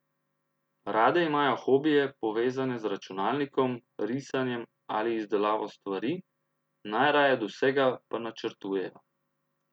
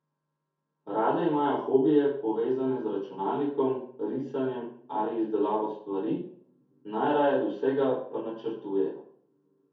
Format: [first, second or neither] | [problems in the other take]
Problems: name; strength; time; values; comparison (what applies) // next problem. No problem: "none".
first | room echo; dies away in 0.6 s